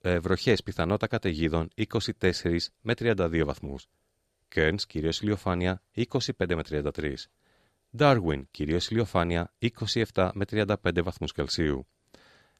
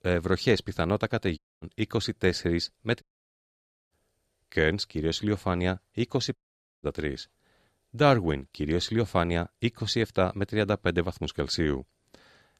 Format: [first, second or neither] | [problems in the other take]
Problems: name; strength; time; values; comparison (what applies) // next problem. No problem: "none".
first | audio cutting out; at 1.5 s, at 3 s for 1 s and at 6.5 s